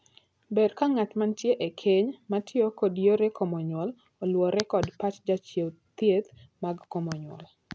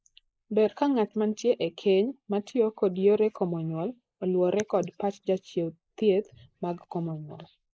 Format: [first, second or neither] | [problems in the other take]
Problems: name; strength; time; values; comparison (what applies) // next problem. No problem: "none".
first | noise reduction (neural mask model Resemble Enhance denoiser)